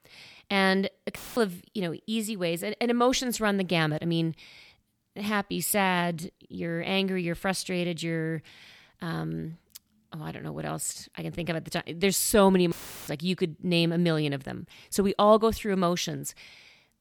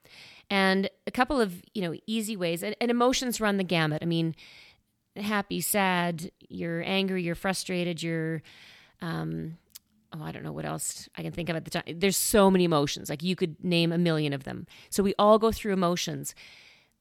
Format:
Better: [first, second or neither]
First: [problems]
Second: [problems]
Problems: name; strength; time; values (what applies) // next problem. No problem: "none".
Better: second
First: audio cutting out; filled with static; at 1 s and at 13 s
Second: none